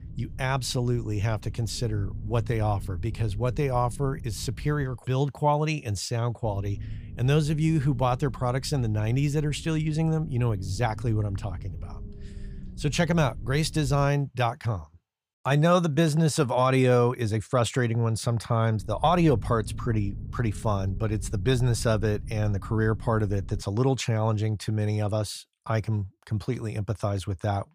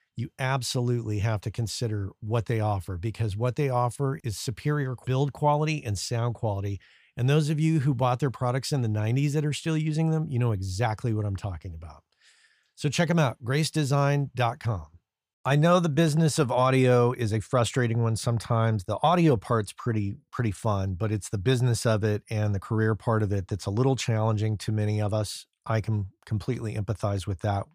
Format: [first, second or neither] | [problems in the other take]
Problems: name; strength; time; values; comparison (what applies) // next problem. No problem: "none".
second | low rumble; faint; until 5 s, from 6.5 to 14 s and from 19 to 24 s; 25 dB below the speech